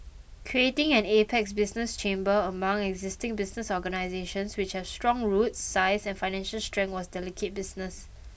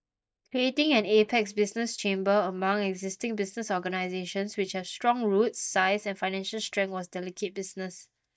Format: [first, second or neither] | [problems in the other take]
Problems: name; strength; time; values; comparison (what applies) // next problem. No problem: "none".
first | noise reduction (neural mask model DeepFilterNet 3)